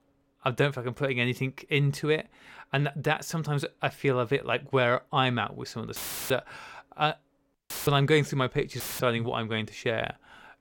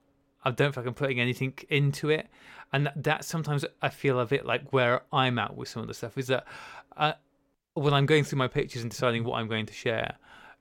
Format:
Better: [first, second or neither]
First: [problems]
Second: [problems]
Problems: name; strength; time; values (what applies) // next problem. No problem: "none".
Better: second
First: audio cutting out; filled with static; at 6 s, at 7.5 s and at 9 s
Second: none